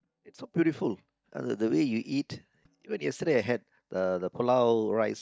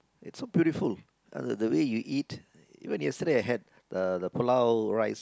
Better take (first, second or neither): second